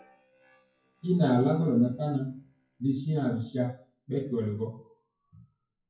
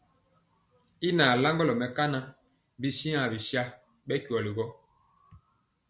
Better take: second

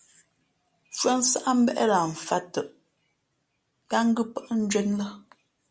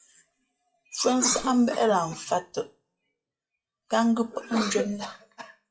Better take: first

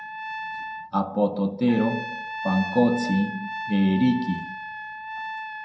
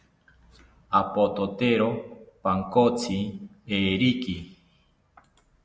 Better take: second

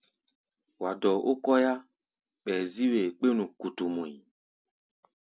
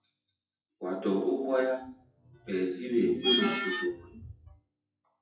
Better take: first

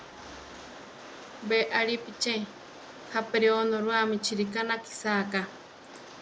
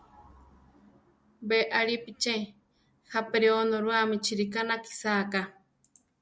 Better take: second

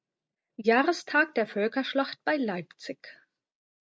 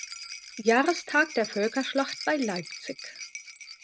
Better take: first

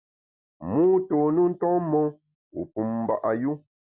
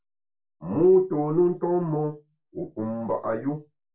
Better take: first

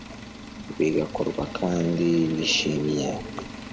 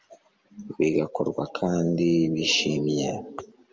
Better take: second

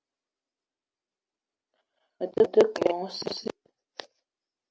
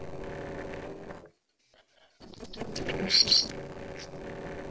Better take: first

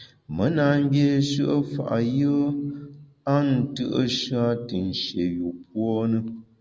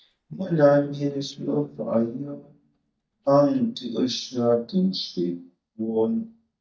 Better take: first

